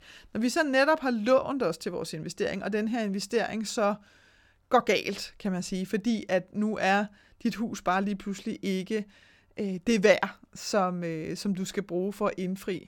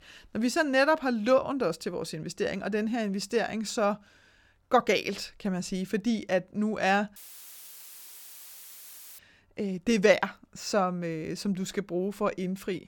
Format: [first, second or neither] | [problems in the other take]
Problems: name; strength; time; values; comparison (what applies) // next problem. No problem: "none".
first | audio cutting out; filled with static; at 7 s for 2 s